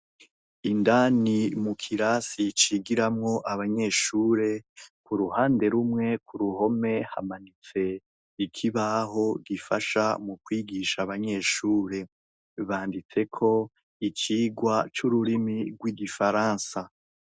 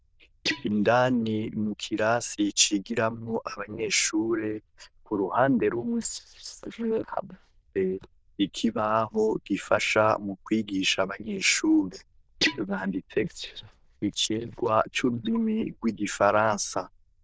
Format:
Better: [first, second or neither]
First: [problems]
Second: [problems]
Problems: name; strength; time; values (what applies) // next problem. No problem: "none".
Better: first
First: none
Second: noise reduction (neural diffusion model UNIVERSE++)